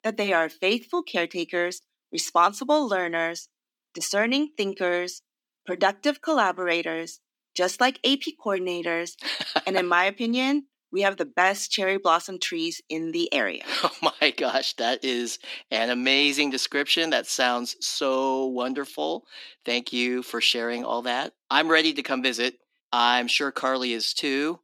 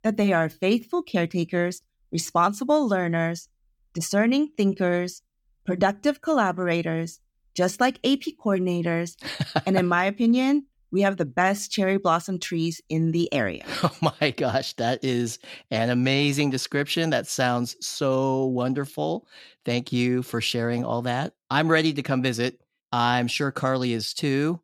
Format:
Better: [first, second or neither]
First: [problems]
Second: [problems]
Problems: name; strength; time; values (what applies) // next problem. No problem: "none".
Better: second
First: thin; very slightly; fading below 250 Hz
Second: none